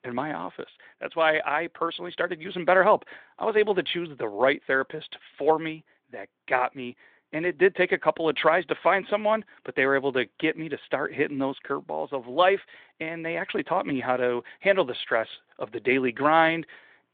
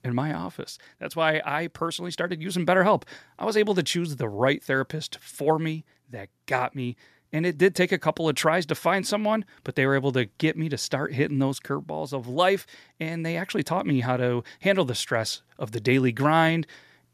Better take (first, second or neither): second